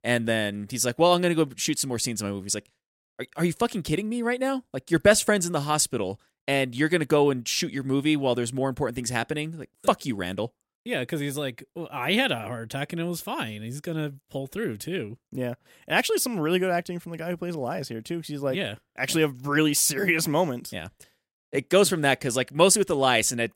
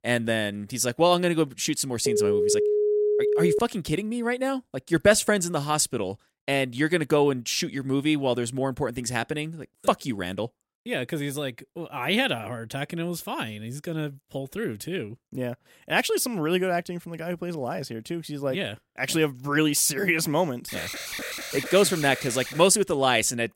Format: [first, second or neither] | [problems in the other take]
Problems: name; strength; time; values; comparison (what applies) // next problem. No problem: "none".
first | phone ringing; loud; from 2 to 3.5 s; peak 3 dB above the speech // alarm; noticeable; from 21 to 23 s; peak 6 dB below the speech